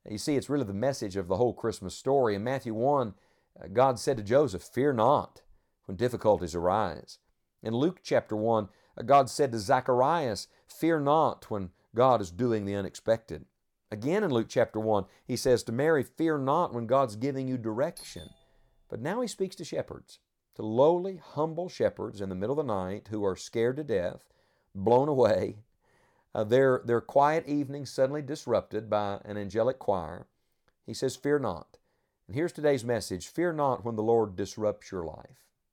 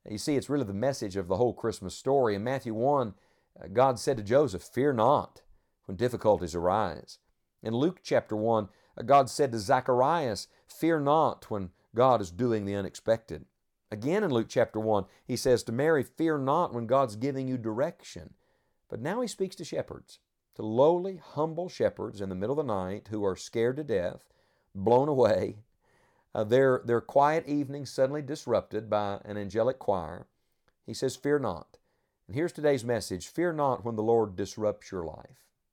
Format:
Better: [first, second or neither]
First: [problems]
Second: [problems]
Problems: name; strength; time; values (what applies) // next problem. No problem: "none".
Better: second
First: doorbell; faint; at 18 s; peak 20 dB below the speech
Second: none